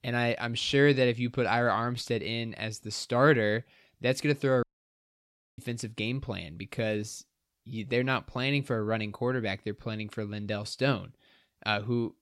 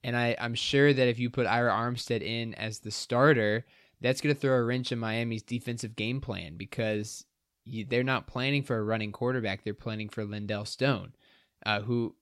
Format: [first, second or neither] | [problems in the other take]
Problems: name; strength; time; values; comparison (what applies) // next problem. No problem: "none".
second | audio cutting out; at 4.5 s for 1 s